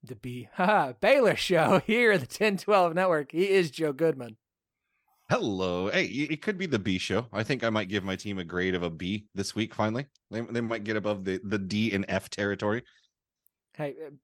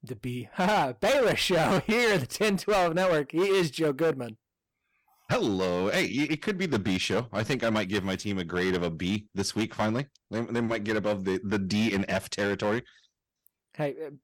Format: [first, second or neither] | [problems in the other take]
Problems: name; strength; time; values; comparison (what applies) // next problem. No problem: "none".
first | distortion; heavy; 11% of the sound clipped